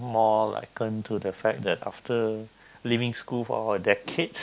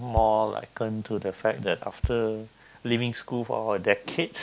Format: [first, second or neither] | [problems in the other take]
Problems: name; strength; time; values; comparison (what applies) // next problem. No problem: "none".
first | background sound (Bass drum); 10 dB below the speech